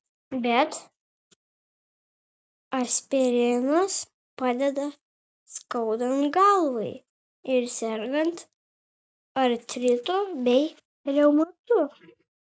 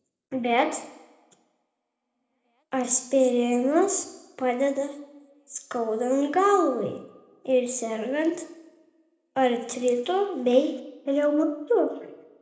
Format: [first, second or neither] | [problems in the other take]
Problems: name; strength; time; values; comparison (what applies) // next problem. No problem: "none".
first | room echo; dies away in 0.7 s